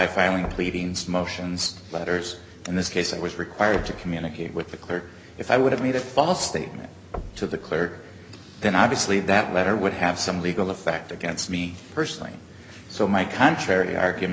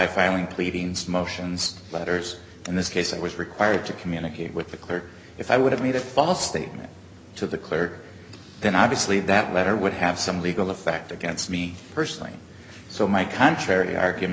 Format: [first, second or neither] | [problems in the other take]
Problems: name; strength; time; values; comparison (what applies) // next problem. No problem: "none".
second | background sound (Knock); 18 dB below the speech